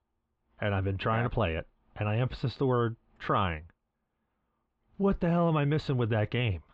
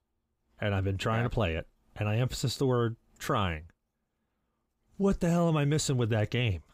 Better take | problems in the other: second | muffled; very; fading above 3.5 kHz

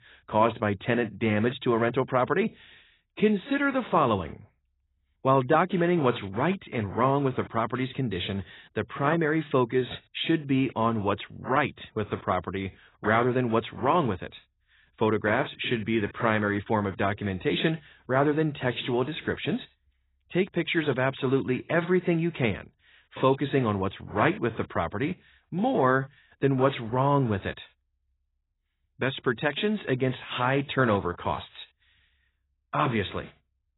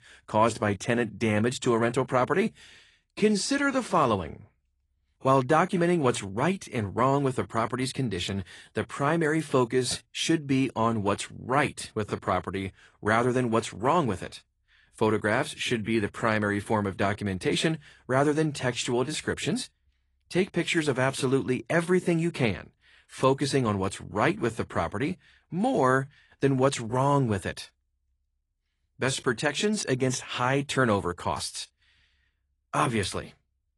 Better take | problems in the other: second | garbled, watery; badly; nothing above 4 kHz; slightly in the second

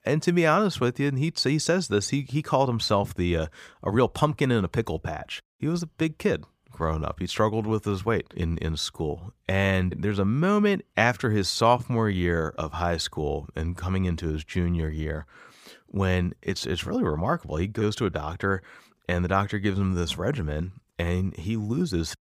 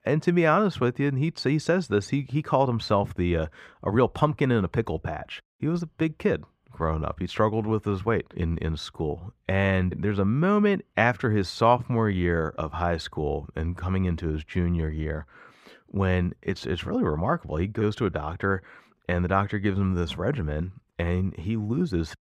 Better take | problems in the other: first | muffled; slightly; fading above 4 kHz

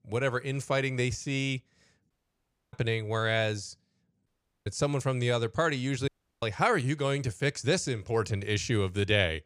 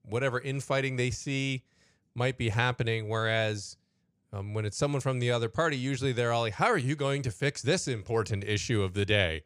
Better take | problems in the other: second | audio cutting out; at 2 s for 0.5 s, at 4.5 s and at 6 s

